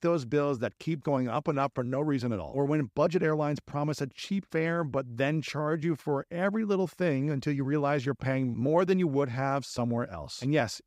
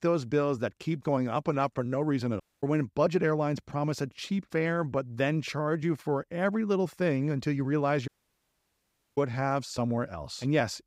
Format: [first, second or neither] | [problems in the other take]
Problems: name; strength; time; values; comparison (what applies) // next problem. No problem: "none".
first | audio cutting out; at 2.5 s and at 8 s for 1 s